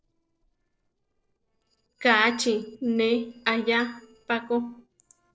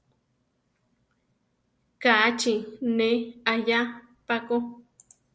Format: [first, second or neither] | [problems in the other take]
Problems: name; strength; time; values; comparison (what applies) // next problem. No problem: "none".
second | noise reduction (neural separator model SepFormer DNS4)